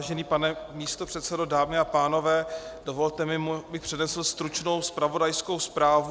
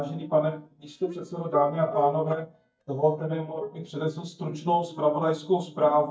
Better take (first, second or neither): first